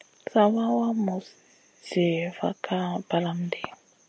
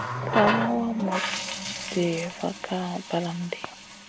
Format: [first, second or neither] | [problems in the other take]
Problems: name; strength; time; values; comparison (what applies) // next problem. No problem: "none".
first | background sound (Water tap, faucet); 3 dB below the speech